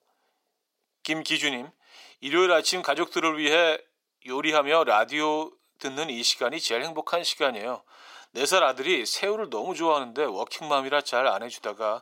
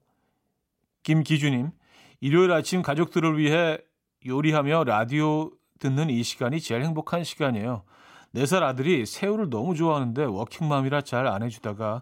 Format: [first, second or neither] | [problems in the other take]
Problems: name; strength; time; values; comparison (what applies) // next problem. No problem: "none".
second | thin; very; fading below 400 Hz